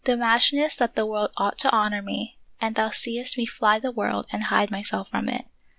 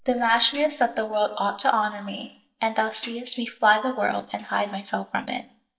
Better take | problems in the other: first | noise reduction (neural mask model DeepFilterNet 3)

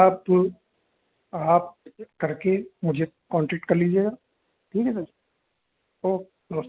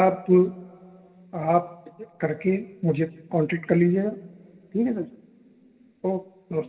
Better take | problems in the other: first | room echo; dies away in 2.9 s

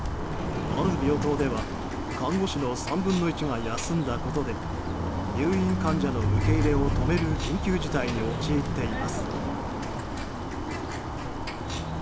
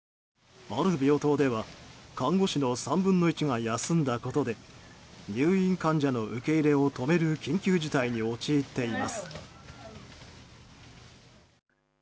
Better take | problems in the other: second | background sound (Bird + Squeak); 1 dB above the speech

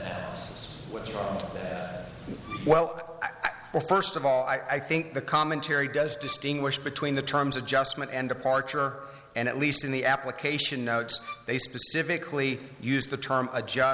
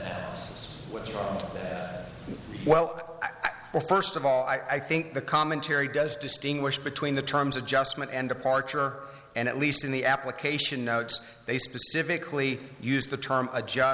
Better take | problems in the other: second | background sound (Bowed string instrument); 15 dB below the speech

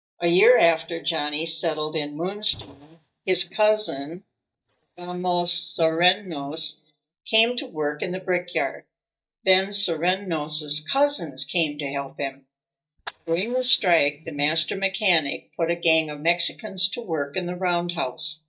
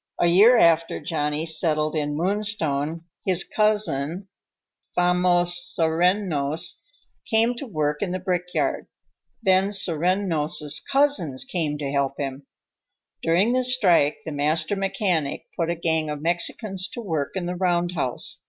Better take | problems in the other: second | noise reduction (neural mask model DeepFilterNet 3)

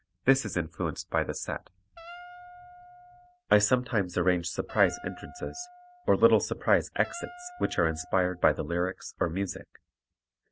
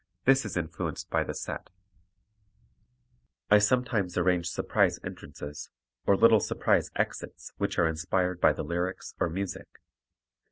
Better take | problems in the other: second | background sound (Wind instrument, woodwind instrument); 19 dB below the speech

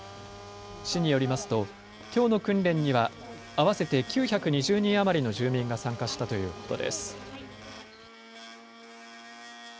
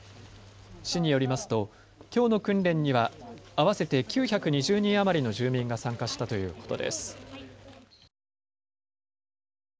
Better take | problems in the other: second | background sound (Domestic sounds, home sounds); 17 dB below the speech

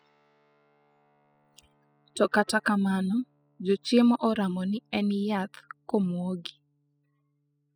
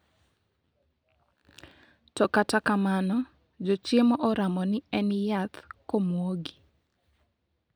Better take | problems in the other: second | noise reduction (classical method spectral subtraction)

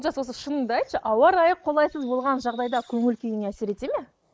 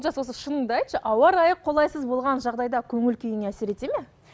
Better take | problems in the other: second | noise reduction (neural mask model Resemble Enhance denoiser)

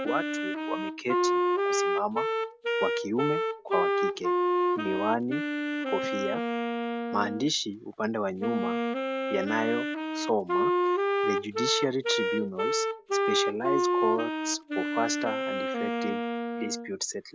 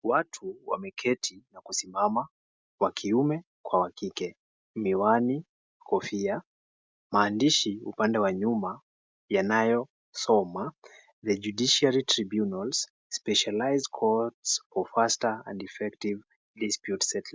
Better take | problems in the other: second | background sound (Wind instrument, woodwind instrument); 4 dB above the speech

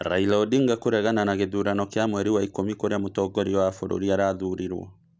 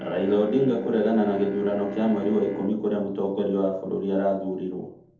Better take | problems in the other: first | noise reduction (neural separator model SepFormer DNS4)

